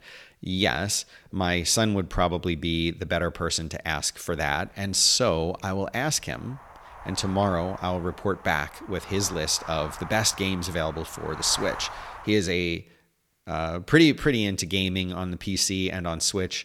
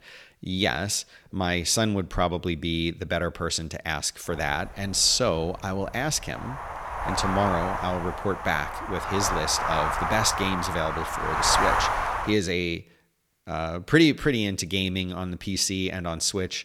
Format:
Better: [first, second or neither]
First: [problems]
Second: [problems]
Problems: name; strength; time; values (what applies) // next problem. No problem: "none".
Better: first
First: wind noise on the microphone; occasional gusts; from 4.5 to 12 s; 10 dB below the speech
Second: wind noise on the microphone; heavy; from 4.5 to 12 s; 1 dB above the speech